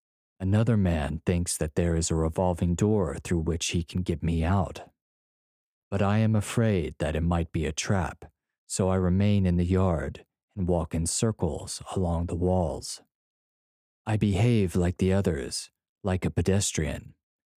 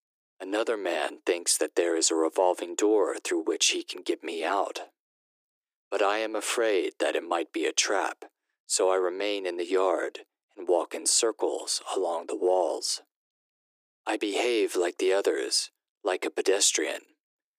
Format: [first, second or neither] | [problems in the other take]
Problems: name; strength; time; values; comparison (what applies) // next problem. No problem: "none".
first | thin; very; fading below 300 Hz